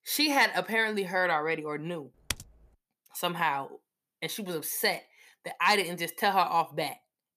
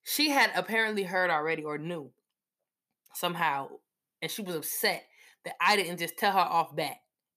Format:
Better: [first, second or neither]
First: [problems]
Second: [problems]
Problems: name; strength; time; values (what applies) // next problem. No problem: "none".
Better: second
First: keyboard typing; noticeable; at 2.5 s; peak 8 dB below the speech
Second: none